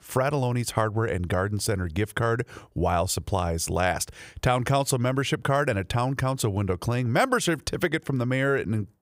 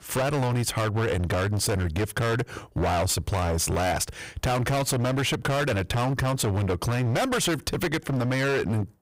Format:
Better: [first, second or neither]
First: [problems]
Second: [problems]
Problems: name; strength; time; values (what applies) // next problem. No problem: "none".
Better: first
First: none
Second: distortion; heavy; 30% of the sound clipped